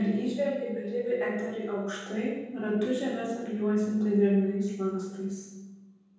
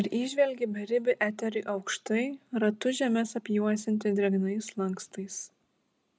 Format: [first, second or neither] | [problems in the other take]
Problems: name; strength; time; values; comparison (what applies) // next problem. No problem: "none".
second | room echo; dies away in 1.3 s